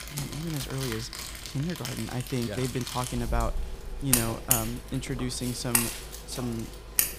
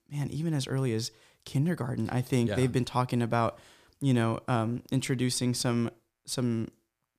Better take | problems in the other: second | household noises; very loud; throughout; 2 dB above the speech

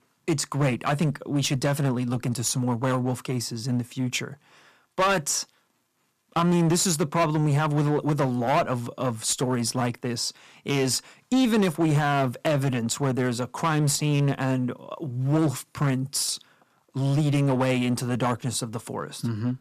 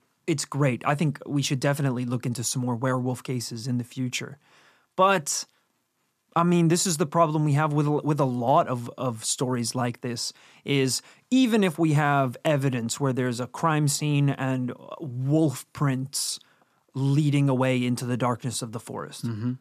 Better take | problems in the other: second | distortion; slight; 9% of the sound clipped

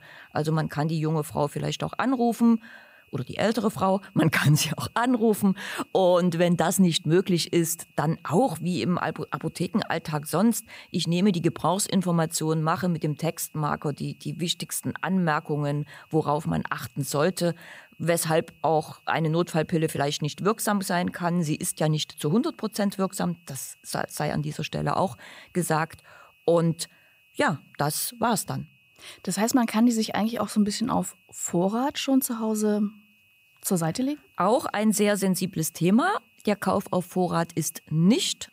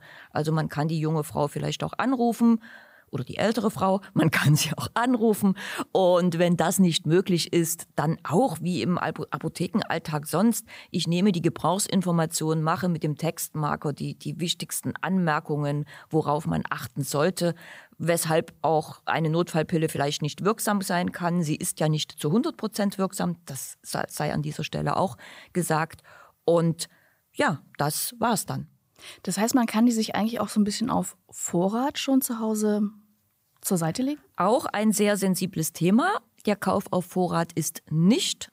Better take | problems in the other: second | high-pitched whine; faint; throughout; 2.5 kHz, 30 dB below the speech

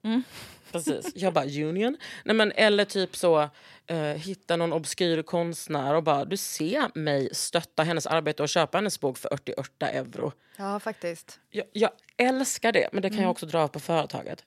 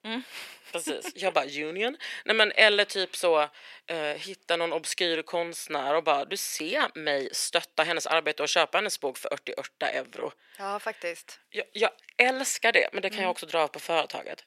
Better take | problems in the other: first | thin; somewhat; fading below 450 Hz

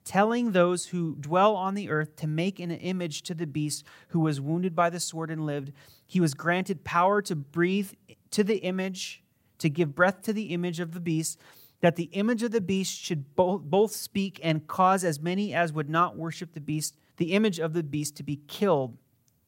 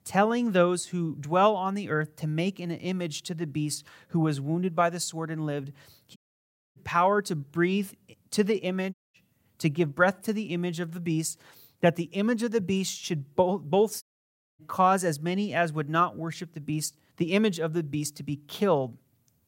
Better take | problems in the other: first | audio cutting out; at 6 s for 0.5 s, at 9 s and at 14 s for 0.5 s

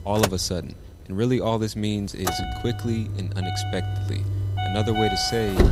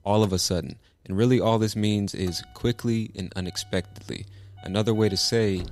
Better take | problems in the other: second | traffic noise; loud; throughout; 1 dB below the speech; faint in the second

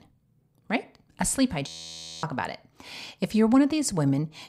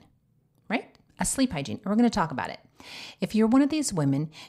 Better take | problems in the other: second | audio freezing; at 1.5 s for 0.5 s

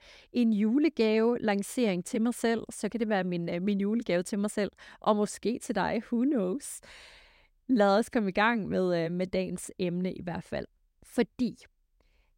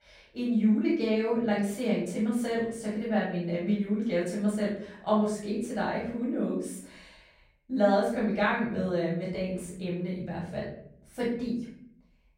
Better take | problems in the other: first | room echo; noticeable; dies away in 0.6 s // off-mic speech; far

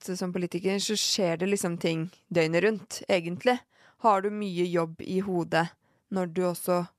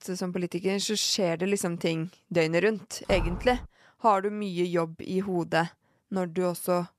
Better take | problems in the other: first | door banging; noticeable; at 3 s; peak 6 dB below the speech

